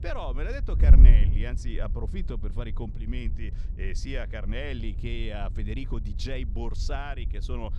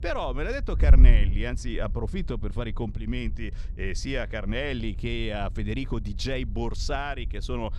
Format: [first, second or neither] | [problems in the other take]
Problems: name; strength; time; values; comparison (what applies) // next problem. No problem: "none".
second | wind noise on the microphone; heavy; 8 dB below the speech; occasional gusts in the second